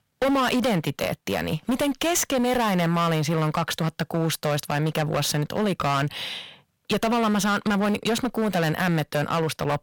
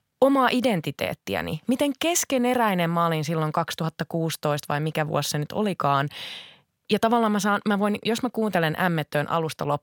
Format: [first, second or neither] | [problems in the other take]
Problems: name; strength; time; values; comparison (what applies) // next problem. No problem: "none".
second | distortion; heavy; 23% of the sound clipped